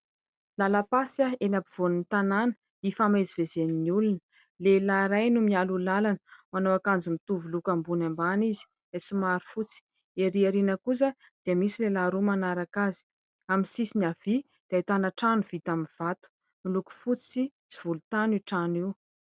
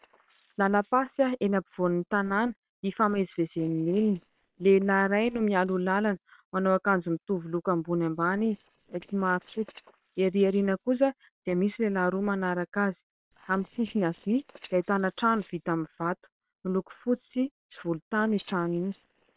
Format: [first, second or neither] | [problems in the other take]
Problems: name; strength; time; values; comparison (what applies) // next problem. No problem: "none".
first | noise reduction (neural separator model SepFormer WHAM!)